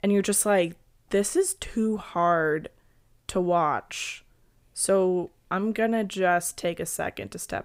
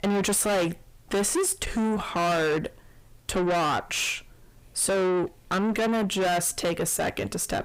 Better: first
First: none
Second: distortion; heavy; 5 dB below the speech

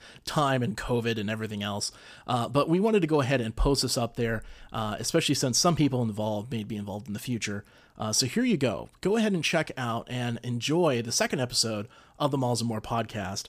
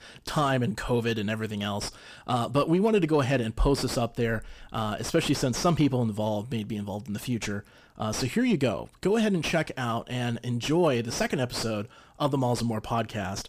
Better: first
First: none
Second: distortion; slight; 9 dB below the speech

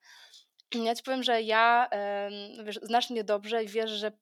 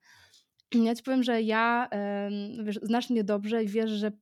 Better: second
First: thin; somewhat; fading below 450 Hz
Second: none

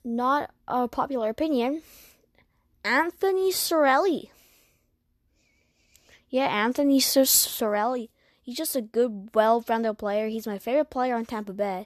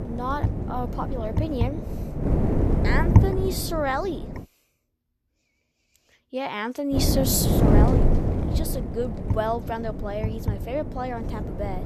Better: first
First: none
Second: wind noise on the microphone; heavy; until 4.5 s and from 7 s on; 3 dB below the speech

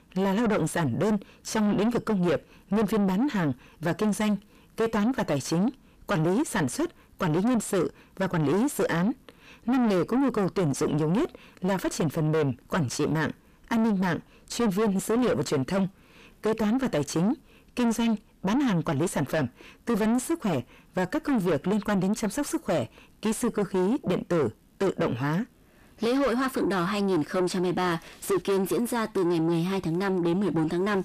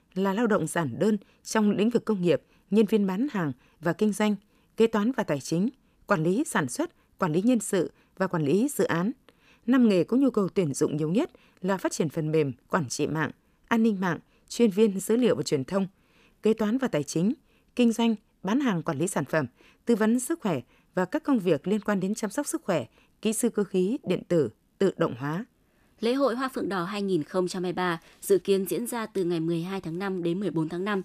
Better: second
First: distortion; heavy; 6 dB below the speech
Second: none

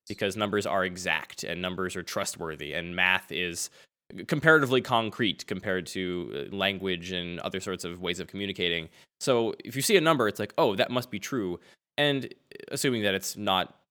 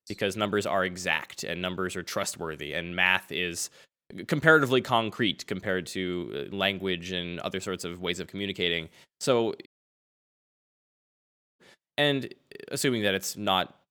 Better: first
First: none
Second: audio cutting out; at 9.5 s for 2 s

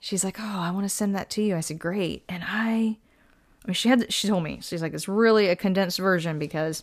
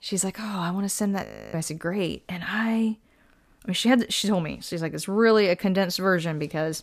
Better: first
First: none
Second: audio freezing; at 1.5 s

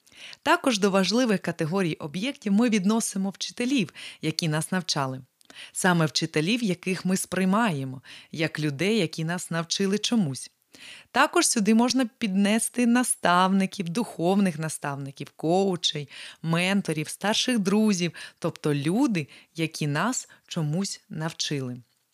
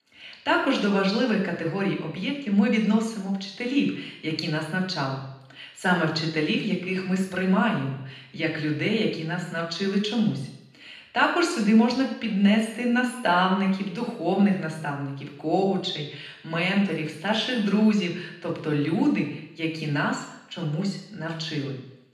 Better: first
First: none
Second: room echo; noticeable; dies away in 0.8 s // off-mic speech; far

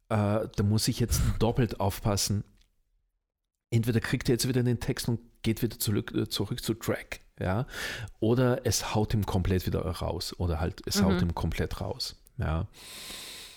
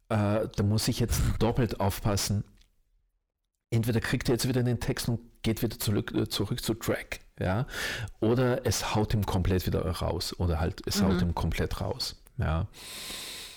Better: first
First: none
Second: distortion; slight; 9 dB below the speech

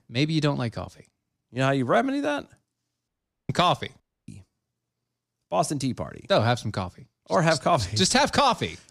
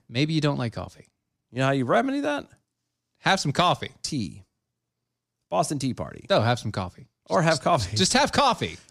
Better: second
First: audio cutting out; at 3 s and at 4 s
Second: none

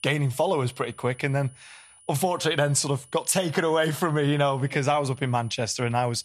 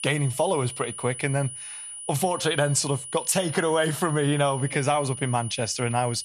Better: first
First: high-pitched whine; faint; throughout; 9.5 kHz, 25 dB below the speech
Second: high-pitched whine; loud; throughout; 9.5 kHz, 10 dB below the speech

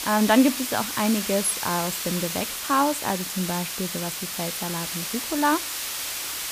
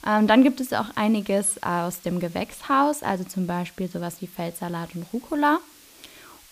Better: second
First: hiss; loud; throughout; 3 dB below the speech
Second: hiss; faint; throughout; 25 dB below the speech

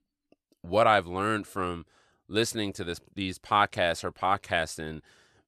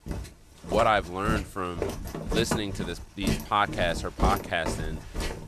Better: first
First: none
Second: footsteps; noticeable; peak level with the speech

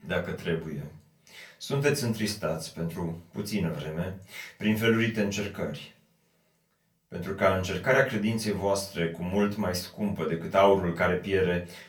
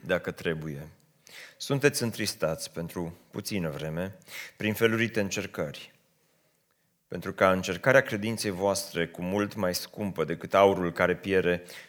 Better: second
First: off-mic speech; far // room echo; very slight; dies away in 0.2 s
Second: none

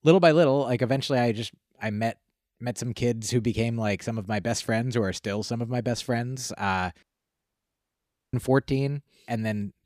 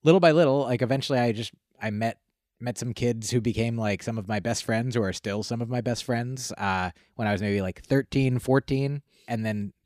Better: second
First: audio cutting out; at 7 s for 1.5 s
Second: none

